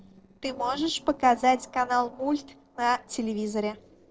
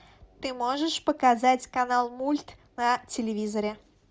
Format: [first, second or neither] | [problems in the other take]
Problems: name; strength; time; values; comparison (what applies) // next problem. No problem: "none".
second | noise reduction (neural separator model SepFormer DNS4)